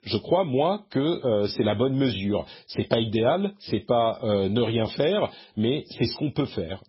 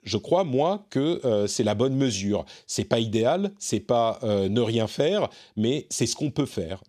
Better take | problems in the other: second | garbled, watery; badly; nothing above 5.5 kHz

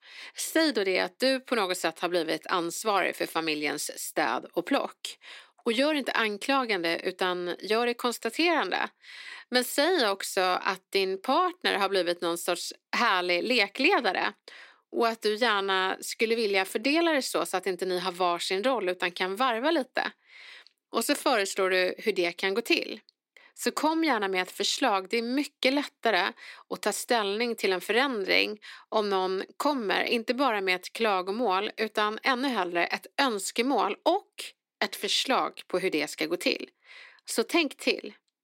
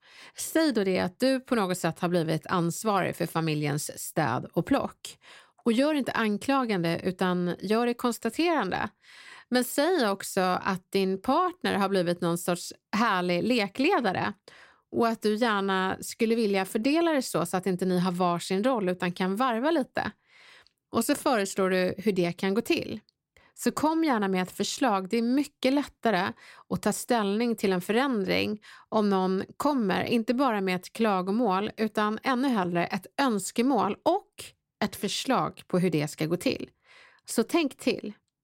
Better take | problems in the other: second | thin; very slightly; fading below 300 Hz

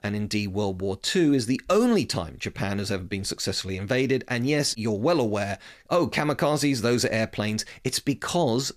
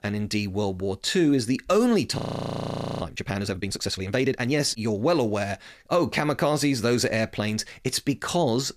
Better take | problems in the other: first | audio freezing; at 2 s for 1 s

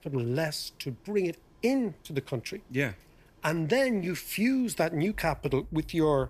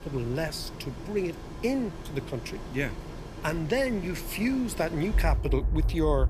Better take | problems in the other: first | rain or running water; loud; throughout; 5 dB below the speech; faint in the first

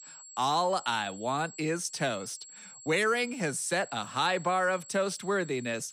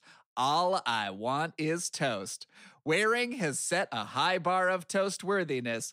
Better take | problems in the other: second | high-pitched whine; noticeable; throughout; 7.5 kHz, 15 dB below the speech

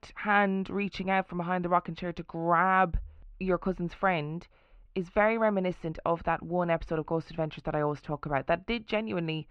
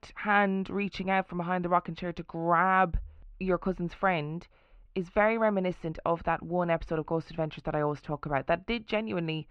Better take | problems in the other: neither | muffled; very; fading above 3 kHz; the same in both

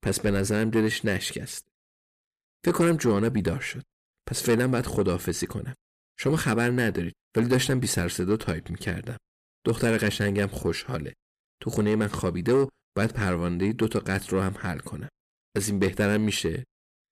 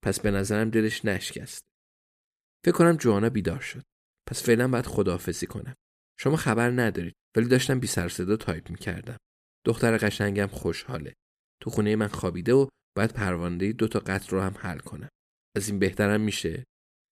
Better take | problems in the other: second | distortion; slight; 10 dB below the speech

